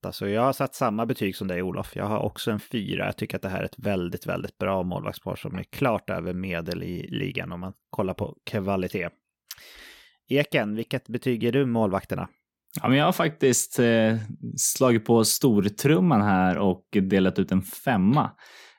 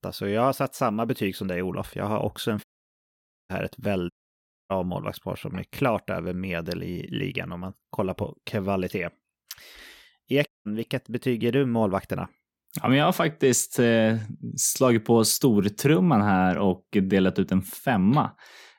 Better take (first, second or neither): first